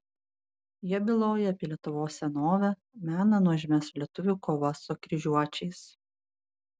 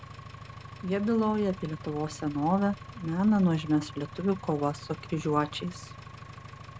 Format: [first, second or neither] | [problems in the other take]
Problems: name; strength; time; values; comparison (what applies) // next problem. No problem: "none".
first | background sound (Engine); 15 dB below the speech